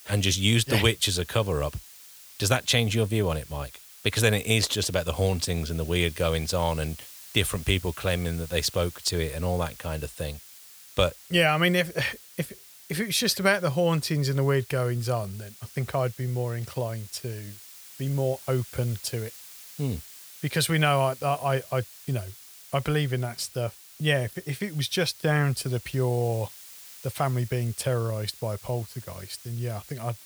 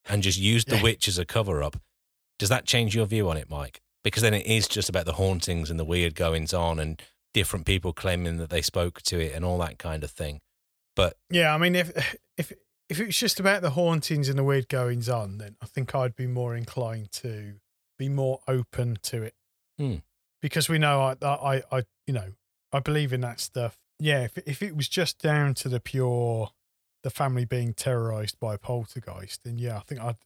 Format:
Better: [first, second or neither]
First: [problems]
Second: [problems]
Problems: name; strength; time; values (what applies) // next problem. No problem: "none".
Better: second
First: hiss; noticeable; throughout; 20 dB below the speech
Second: none